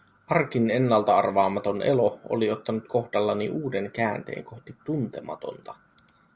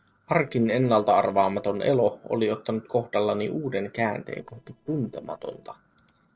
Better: first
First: none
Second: noise reduction (neural separator model SepFormer DNS4)

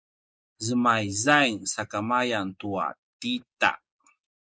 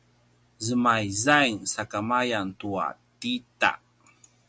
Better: second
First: noise reduction (neural mask model Resemble Enhance denoiser)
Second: none

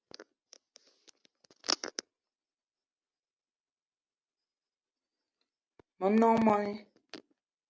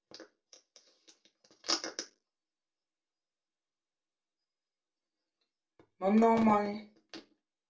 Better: first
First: none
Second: room echo; dies away in 0.2 s

